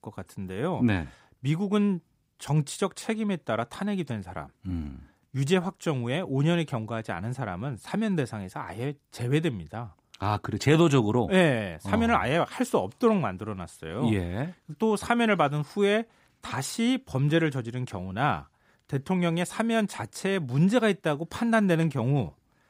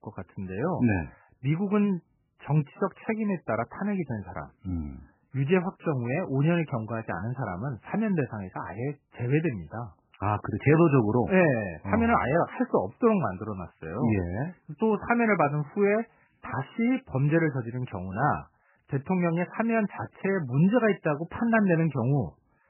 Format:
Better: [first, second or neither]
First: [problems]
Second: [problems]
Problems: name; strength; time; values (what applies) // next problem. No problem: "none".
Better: first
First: none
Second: garbled, watery; badly; nothing above 2.5 kHz